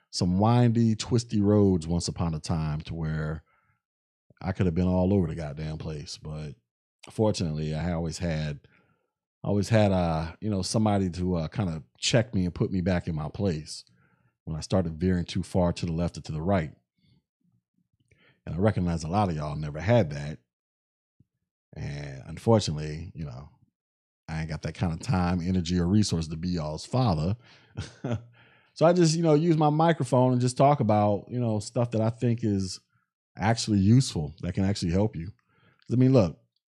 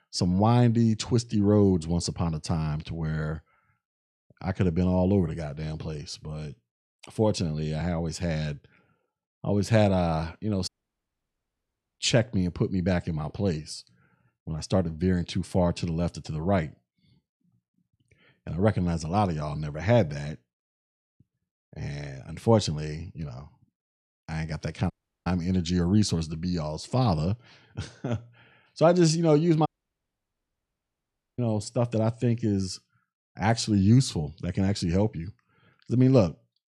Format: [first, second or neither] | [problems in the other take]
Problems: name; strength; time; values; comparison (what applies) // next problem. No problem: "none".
first | audio cutting out; at 11 s for 1.5 s, at 25 s and at 30 s for 1.5 s